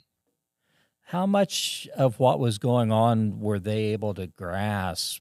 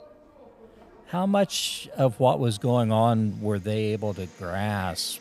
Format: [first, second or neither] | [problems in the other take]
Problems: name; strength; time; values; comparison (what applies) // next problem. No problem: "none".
first | animal sounds; faint; throughout; 25 dB below the speech